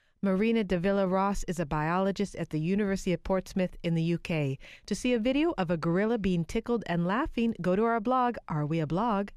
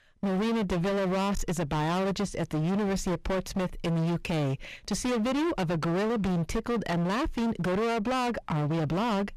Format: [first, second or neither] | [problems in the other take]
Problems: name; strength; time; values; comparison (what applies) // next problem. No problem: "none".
first | distortion; heavy; 39% of the sound clipped